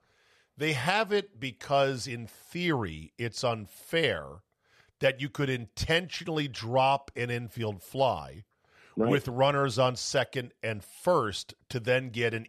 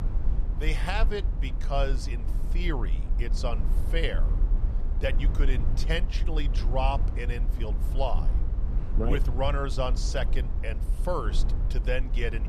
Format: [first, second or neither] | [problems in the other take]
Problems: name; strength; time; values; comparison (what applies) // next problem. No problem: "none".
first | low rumble; noticeable; throughout; 10 dB below the speech